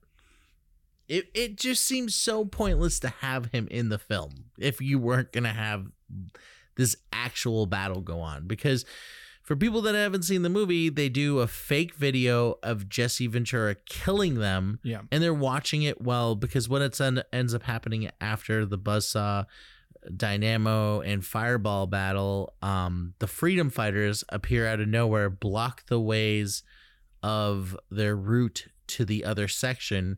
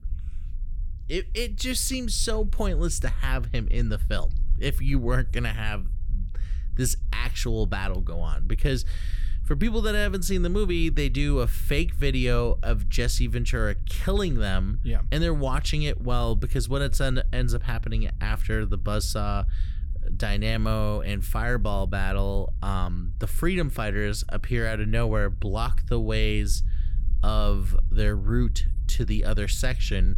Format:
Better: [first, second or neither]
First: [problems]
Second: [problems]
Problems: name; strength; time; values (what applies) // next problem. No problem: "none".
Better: first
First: none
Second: low rumble; faint; throughout; 20 dB below the speech